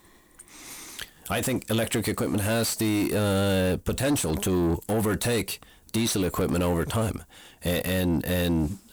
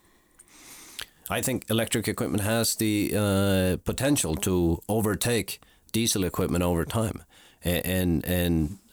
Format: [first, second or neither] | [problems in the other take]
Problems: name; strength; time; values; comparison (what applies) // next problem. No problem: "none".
second | distortion; slight; 10 dB below the speech